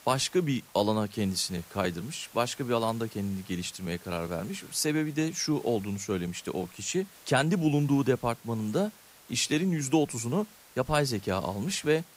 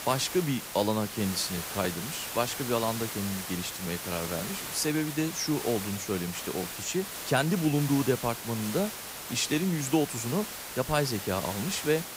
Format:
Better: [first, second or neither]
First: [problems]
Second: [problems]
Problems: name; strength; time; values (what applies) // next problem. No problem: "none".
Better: first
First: hiss; faint; throughout; 20 dB below the speech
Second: hiss; loud; throughout; 6 dB below the speech